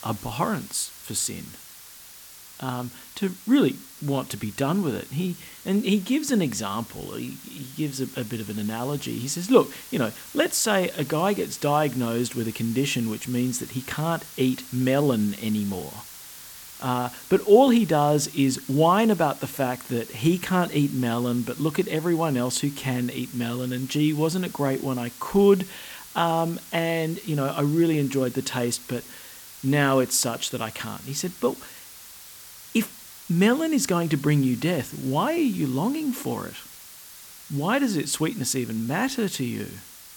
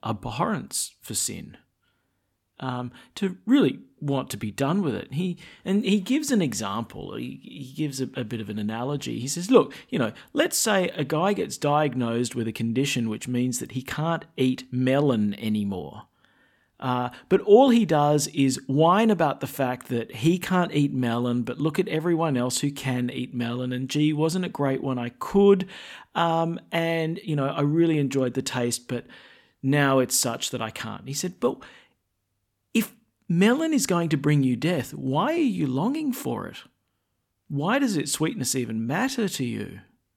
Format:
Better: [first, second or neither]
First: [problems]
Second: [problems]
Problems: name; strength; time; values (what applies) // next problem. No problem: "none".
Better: second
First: hiss; noticeable; throughout; 15 dB below the speech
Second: none